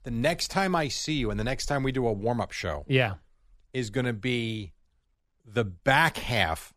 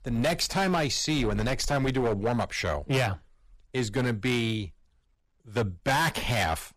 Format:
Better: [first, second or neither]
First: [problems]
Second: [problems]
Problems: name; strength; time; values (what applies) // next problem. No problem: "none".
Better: first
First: none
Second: distortion; heavy; 10% of the sound clipped